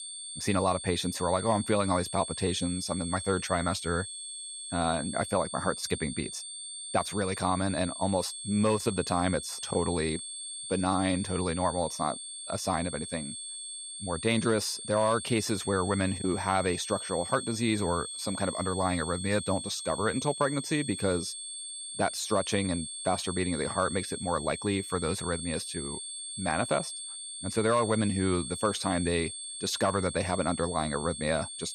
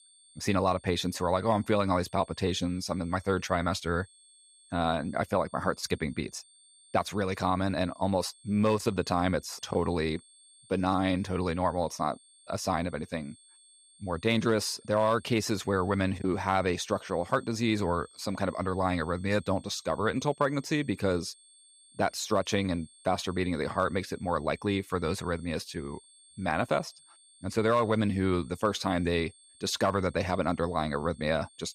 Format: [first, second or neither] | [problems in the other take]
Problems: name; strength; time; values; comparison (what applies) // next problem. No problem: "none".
second | high-pitched whine; loud; throughout; 8.5 kHz, 7 dB below the speech; faint in the second